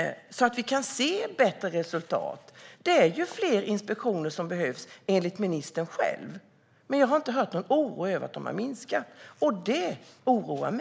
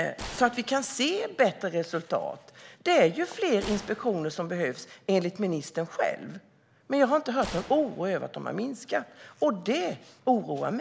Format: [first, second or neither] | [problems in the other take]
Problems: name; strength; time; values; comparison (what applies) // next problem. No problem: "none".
first | background sound (Gunshot, gunfire); 20 dB below the speech